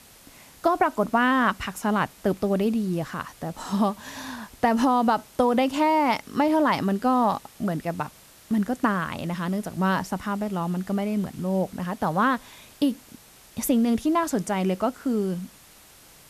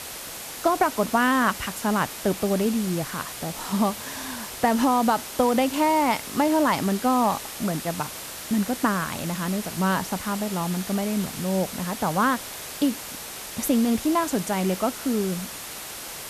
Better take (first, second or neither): first